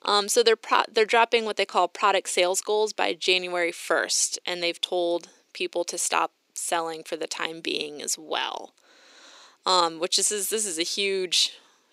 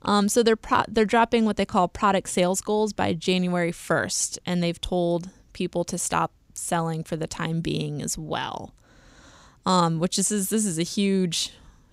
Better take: second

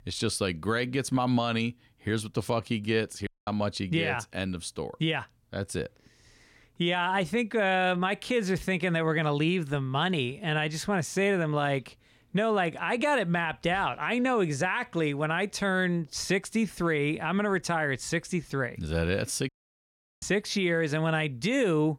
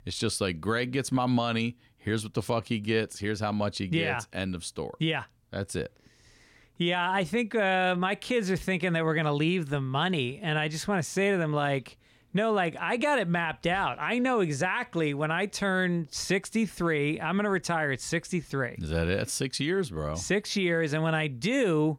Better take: second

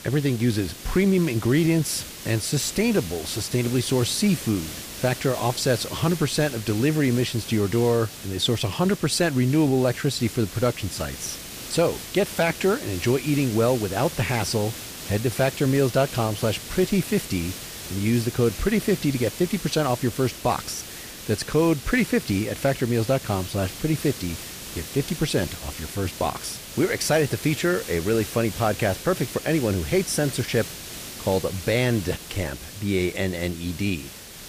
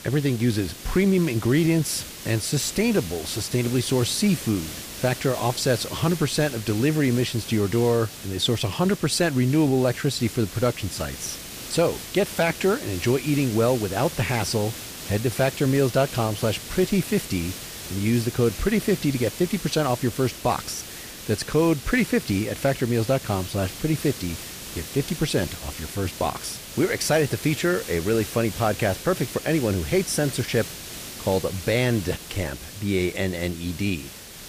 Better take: neither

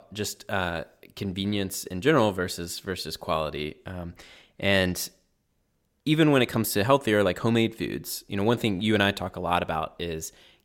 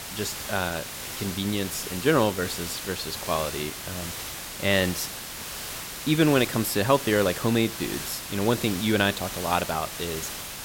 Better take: first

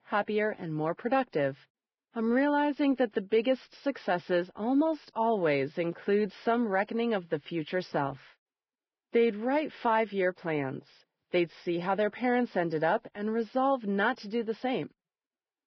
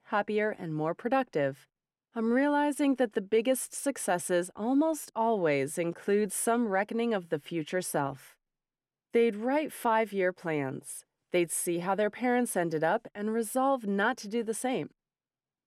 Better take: second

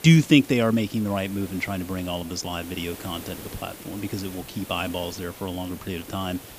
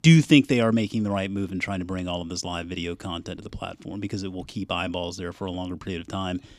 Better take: second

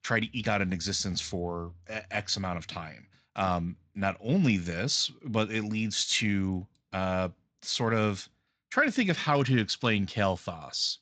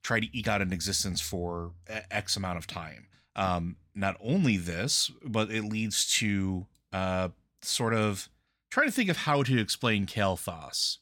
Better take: second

